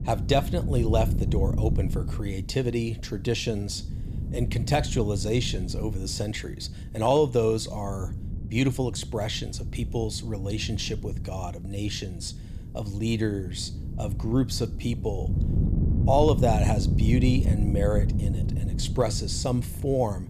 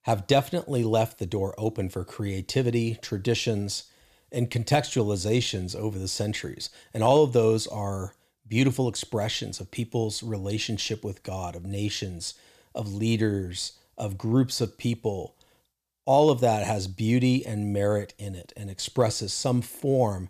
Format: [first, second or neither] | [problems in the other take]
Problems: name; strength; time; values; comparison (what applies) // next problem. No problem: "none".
second | wind noise on the microphone; occasional gusts; 10 dB below the speech